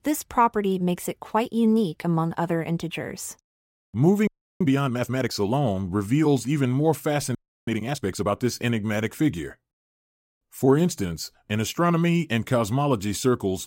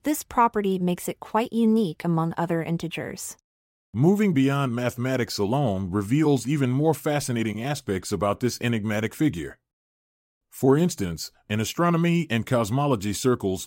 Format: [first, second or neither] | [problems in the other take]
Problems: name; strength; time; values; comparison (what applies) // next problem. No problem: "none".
second | audio freezing; at 4.5 s and at 7.5 s